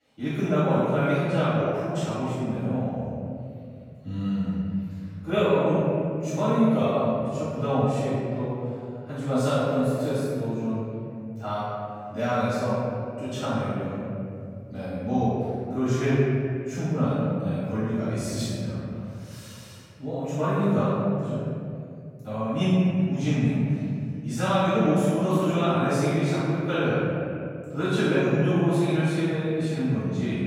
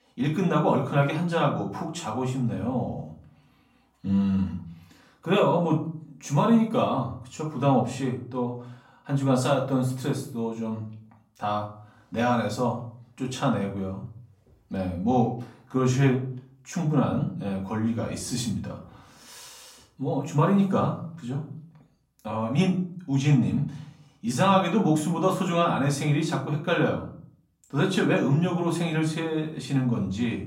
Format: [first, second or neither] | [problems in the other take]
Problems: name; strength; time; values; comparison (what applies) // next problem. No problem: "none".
second | room echo; strong; dies away in 2.6 s; slight in the second // off-mic speech; far; far in the second